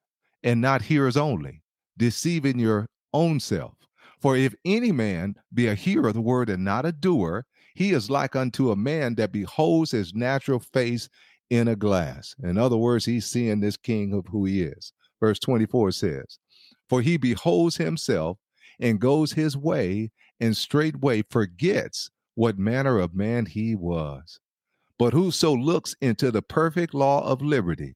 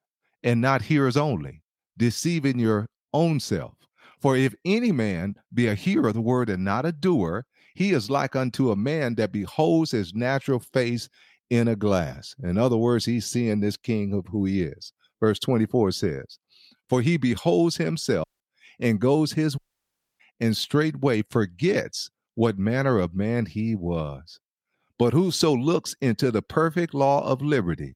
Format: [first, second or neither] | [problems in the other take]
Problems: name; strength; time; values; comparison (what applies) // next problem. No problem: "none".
first | audio cutting out; at 18 s and at 20 s for 0.5 s